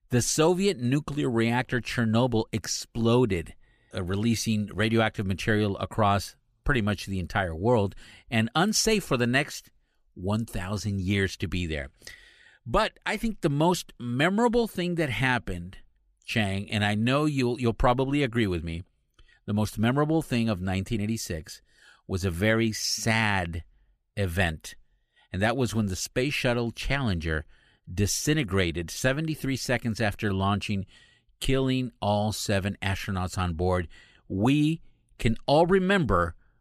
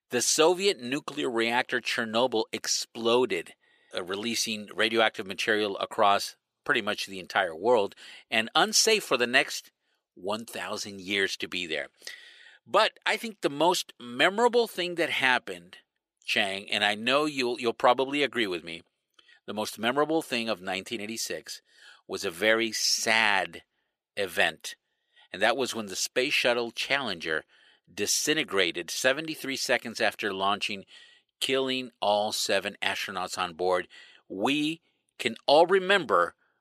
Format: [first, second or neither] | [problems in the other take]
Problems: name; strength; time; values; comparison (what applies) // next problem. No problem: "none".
first | thin; somewhat; fading below 450 Hz